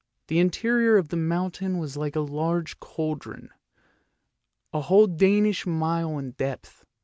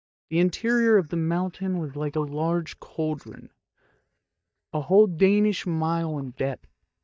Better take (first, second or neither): first